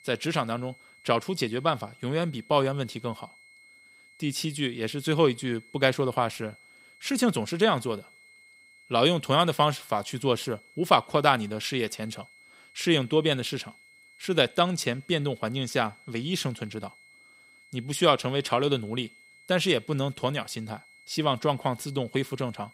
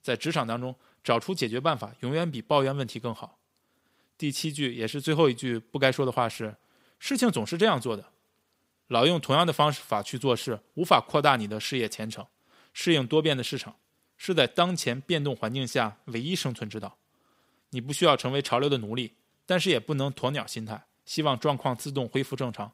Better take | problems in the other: second | high-pitched whine; faint; throughout; 2 kHz, 25 dB below the speech

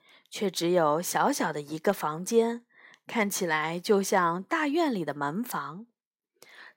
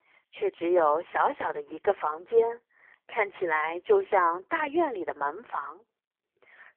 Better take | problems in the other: first | phone-call audio; poor line

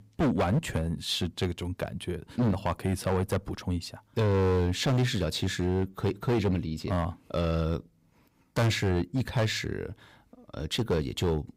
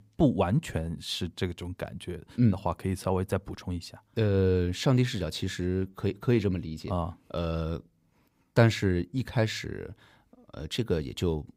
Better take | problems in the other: second | distortion; heavy; 10% of the sound clipped

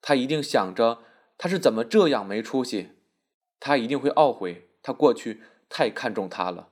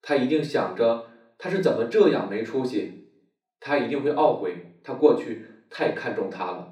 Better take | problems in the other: first | room echo; slight; dies away in 0.5 s // off-mic speech; far

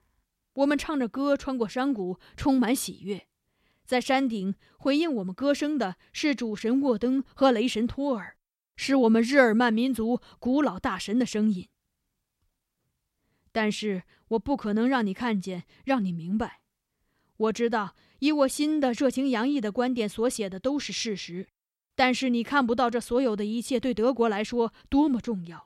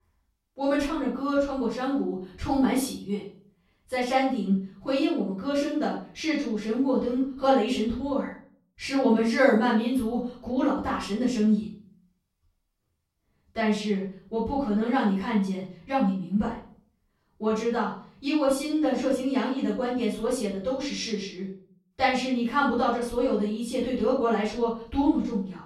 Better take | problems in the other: first | room echo; noticeable; dies away in 0.4 s // off-mic speech; far

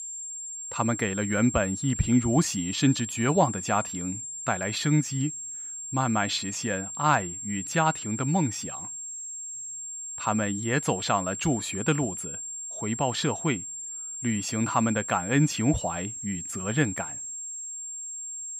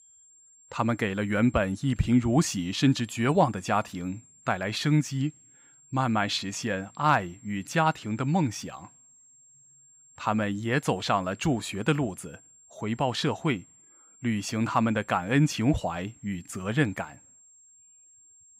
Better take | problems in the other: second | high-pitched whine; loud; throughout; 7.5 kHz, 7 dB below the speech; faint in the second

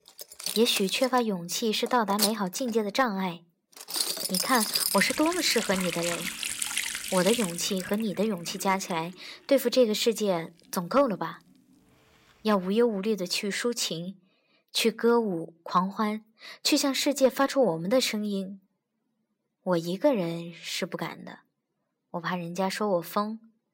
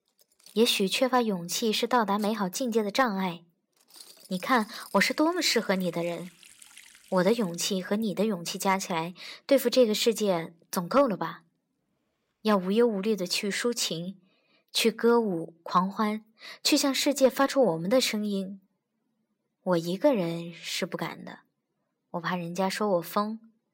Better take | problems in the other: second | household noises; loud; until 12 s; 3 dB below the speech; faint in the second

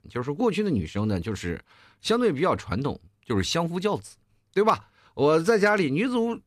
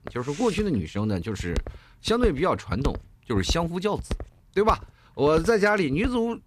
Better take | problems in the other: first | footsteps; noticeable; peak 9 dB below the speech

